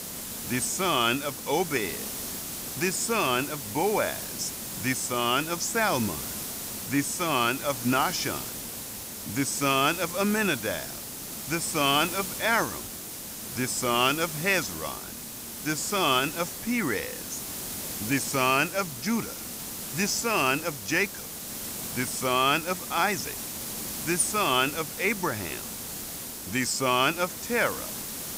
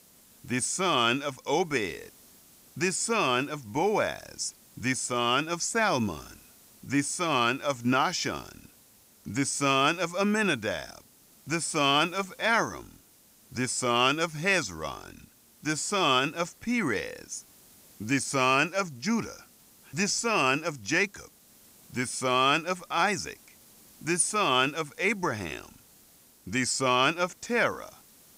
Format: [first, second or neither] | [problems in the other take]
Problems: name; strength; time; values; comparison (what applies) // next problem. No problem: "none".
second | hiss; loud; throughout; 7 dB below the speech; faint in the second